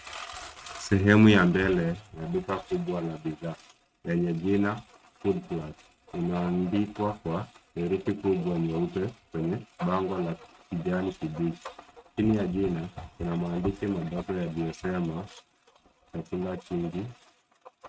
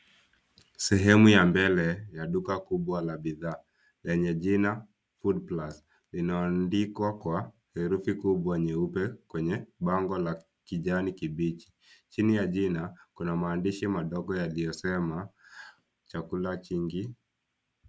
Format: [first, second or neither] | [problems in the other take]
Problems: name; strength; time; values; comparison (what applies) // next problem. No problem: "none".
second | noise reduction (neural mask model RNNoise)